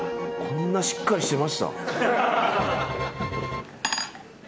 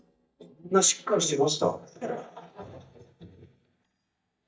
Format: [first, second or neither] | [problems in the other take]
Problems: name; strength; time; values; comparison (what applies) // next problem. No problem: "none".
first | noise reduction (neural mask model DeepFilterNet 3)